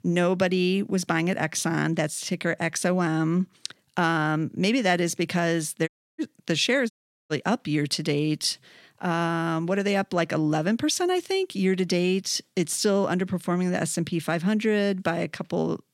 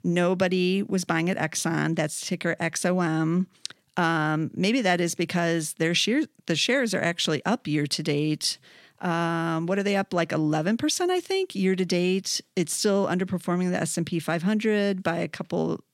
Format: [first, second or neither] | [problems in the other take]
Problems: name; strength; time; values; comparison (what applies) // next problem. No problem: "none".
second | audio cutting out; at 6 s and at 7 s